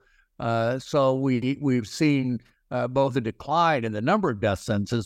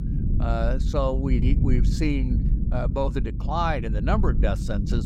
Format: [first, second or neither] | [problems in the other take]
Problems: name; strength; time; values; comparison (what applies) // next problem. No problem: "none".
first | low rumble; loud; throughout; 10 dB below the speech